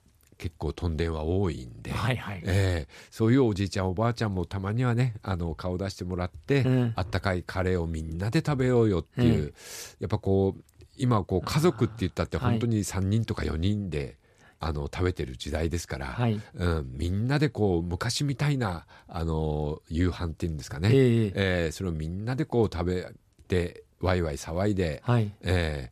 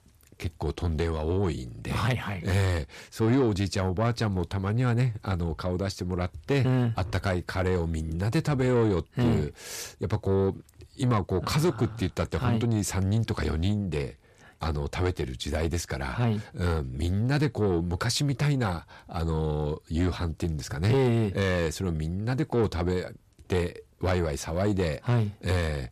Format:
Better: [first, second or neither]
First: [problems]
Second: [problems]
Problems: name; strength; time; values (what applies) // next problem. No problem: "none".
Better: first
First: none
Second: distortion; slight; 10 dB below the speech